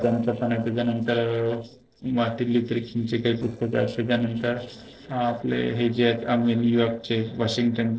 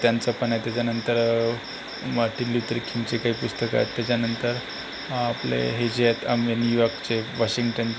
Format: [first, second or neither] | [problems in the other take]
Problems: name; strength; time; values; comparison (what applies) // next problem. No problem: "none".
second | noise reduction (neural separator model SepFormer DNS4)